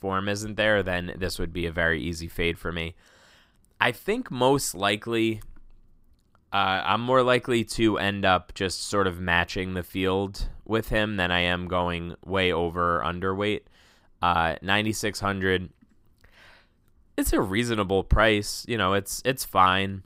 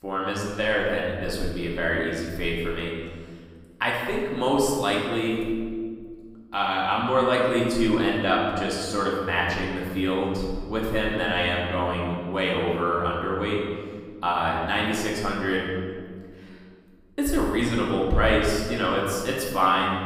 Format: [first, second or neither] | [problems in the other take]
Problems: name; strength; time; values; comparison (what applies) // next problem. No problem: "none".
first | room echo; noticeable; dies away in 1.6 s // off-mic speech; far